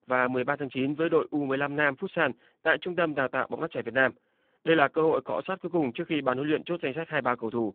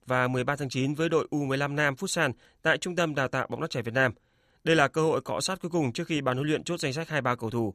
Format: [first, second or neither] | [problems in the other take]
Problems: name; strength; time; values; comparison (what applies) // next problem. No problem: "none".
second | phone-call audio; poor line